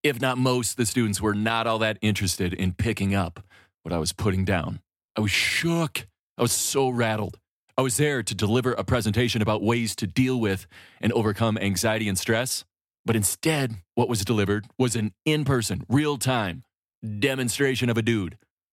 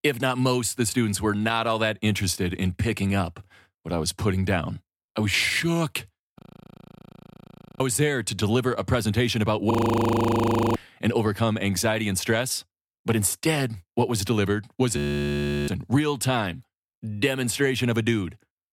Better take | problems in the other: first | audio freezing; at 6.5 s for 1.5 s, at 9.5 s for 1 s and at 15 s for 0.5 s

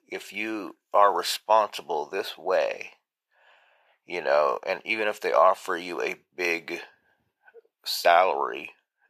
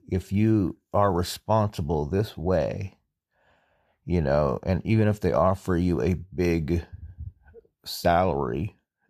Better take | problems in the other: second | thin; very; fading below 500 Hz

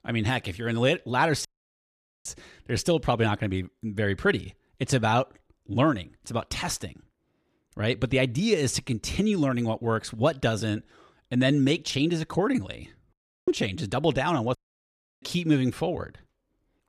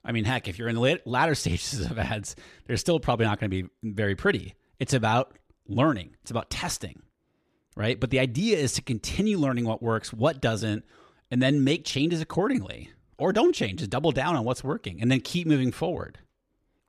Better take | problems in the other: second | audio cutting out; at 1.5 s for 1 s, at 13 s and at 15 s for 0.5 s

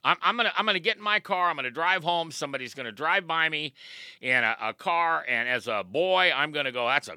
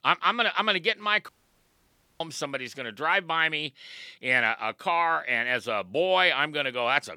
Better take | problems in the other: first | audio cutting out; at 1.5 s for 1 s

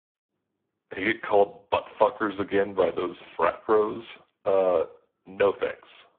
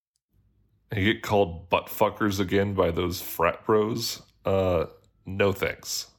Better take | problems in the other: second | phone-call audio; poor line

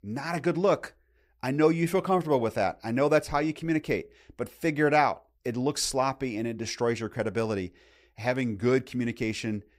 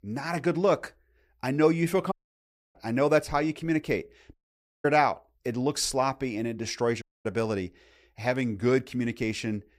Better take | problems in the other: first | audio cutting out; at 2 s for 0.5 s, at 4.5 s for 0.5 s and at 7 s

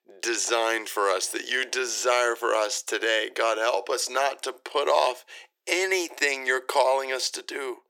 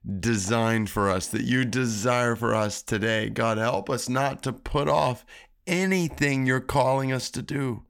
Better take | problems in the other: second | thin; very; fading below 350 Hz

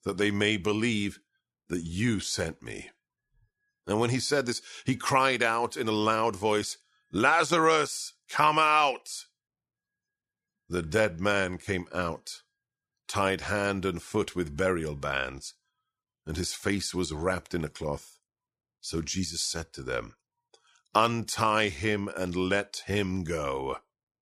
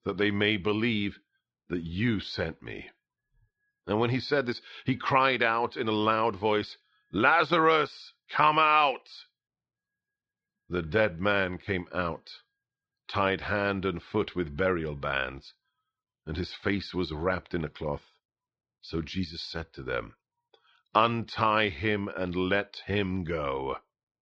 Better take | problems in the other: first | muffled; slightly; fading above 4 kHz

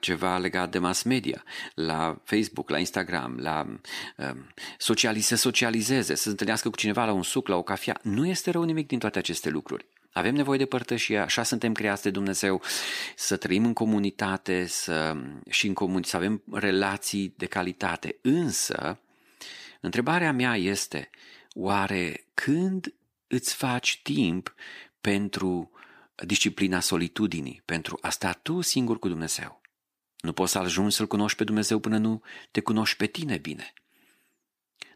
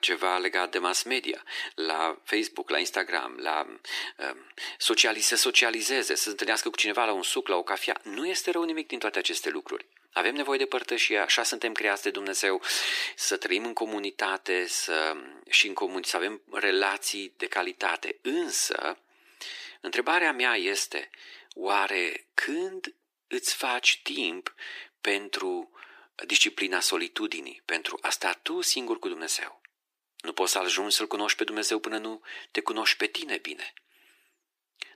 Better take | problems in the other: first | thin; very; fading below 350 Hz

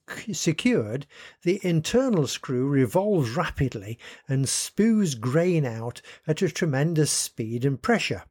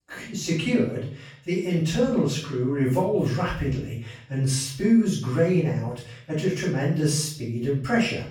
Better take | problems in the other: first | off-mic speech; far // room echo; noticeable; dies away in 0.5 s

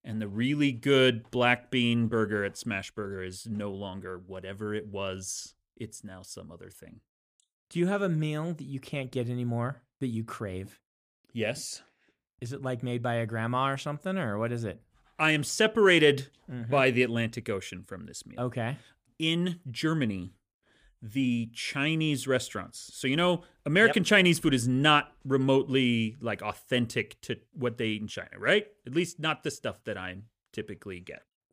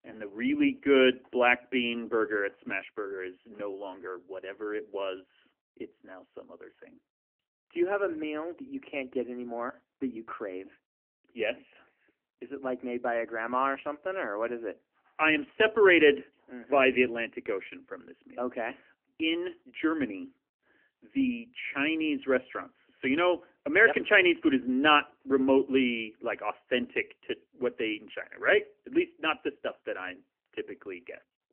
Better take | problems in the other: first | phone-call audio; nothing above 3 kHz

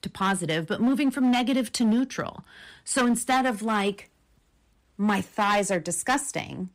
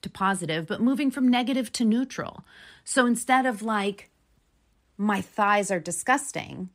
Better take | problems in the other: second | distortion; slight; 8% of the sound clipped

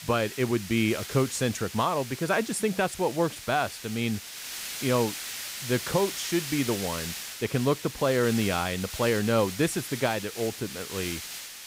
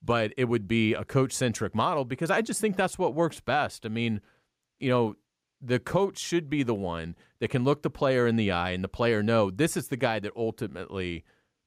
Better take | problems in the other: second | hiss; loud; throughout; 8 dB below the speech

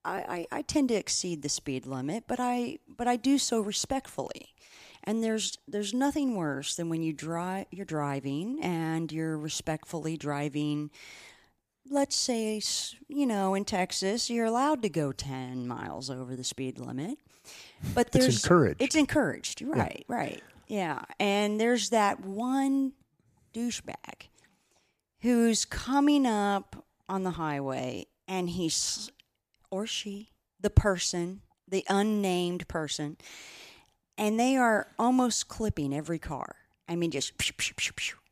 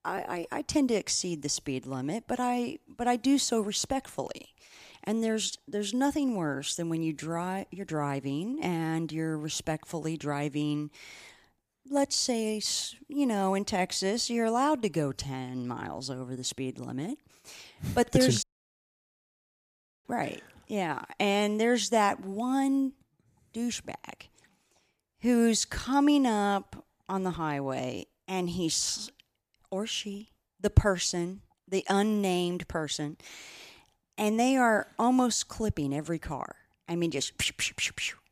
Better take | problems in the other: first | audio cutting out; at 18 s for 1.5 s

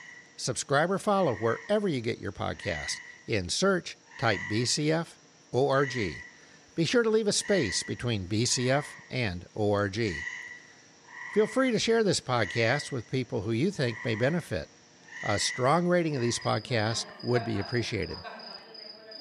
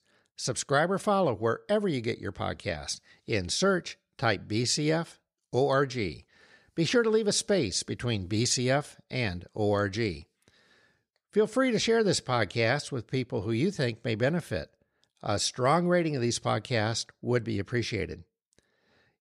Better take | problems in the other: second | animal sounds; noticeable; throughout; 10 dB below the speech

